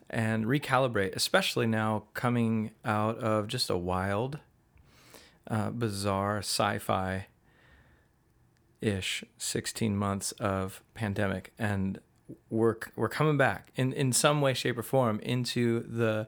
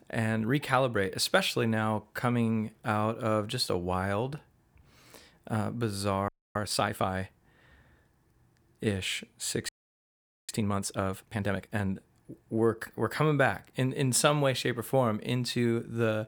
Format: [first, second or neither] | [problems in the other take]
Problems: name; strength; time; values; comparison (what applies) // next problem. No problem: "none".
first | audio freezing; at 6.5 s and at 9.5 s for 1 s